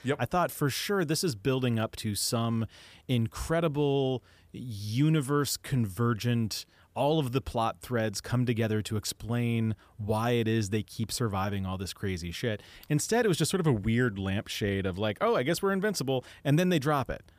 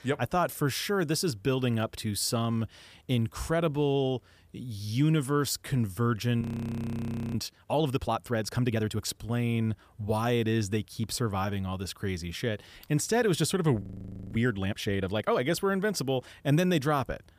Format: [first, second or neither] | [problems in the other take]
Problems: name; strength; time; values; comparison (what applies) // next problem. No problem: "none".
first | audio freezing; at 6.5 s for 1 s and at 14 s for 0.5 s